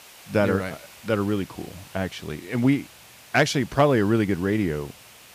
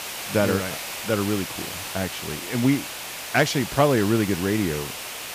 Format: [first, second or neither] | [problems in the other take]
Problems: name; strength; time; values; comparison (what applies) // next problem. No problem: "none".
first | hiss; loud; throughout; 7 dB below the speech; faint in the first